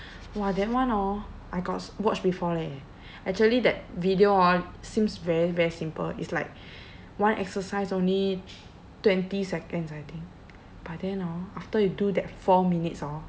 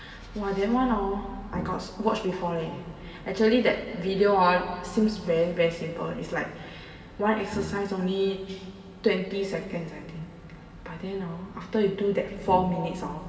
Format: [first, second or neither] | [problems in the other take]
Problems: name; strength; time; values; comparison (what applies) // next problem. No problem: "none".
first | background sound (Brass instrument); 10 dB below the speech // room echo; dies away in 2.7 s